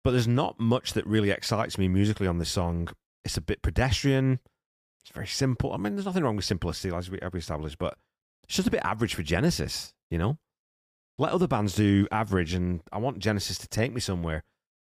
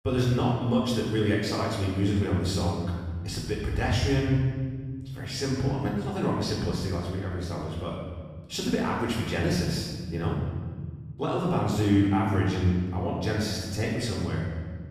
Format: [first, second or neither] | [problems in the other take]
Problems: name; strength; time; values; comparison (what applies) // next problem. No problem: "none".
first | off-mic speech; far // room echo; noticeable; dies away in 1.6 s